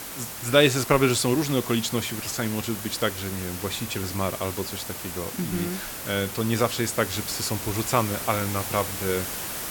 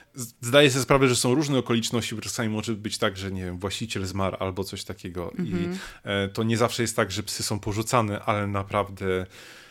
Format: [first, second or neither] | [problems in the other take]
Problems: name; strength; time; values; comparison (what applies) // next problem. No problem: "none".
second | hiss; loud; throughout; 6 dB below the speech